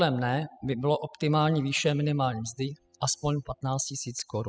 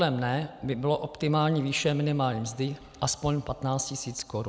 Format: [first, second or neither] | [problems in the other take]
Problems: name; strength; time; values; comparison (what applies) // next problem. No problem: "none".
second | noise reduction (classical method spectral subtraction)